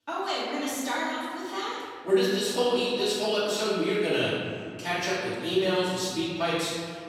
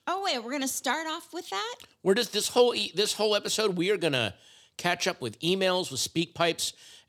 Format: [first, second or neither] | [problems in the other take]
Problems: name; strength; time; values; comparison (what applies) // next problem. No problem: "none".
second | off-mic speech; far // room echo; strong; dies away in 2.1 s